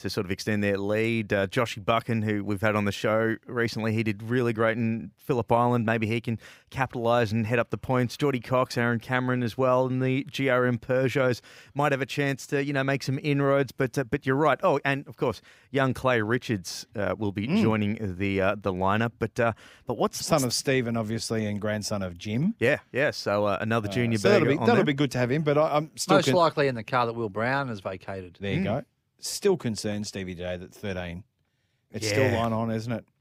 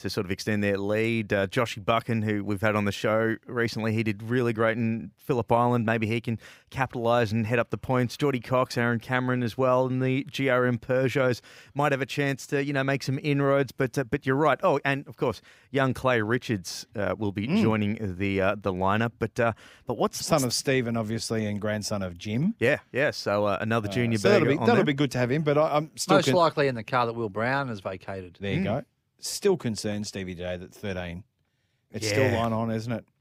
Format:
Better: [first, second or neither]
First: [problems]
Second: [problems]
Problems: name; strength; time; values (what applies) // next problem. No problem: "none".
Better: neither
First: none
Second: none